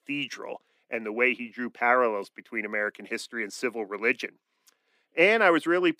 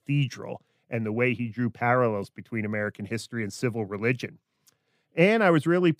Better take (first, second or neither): second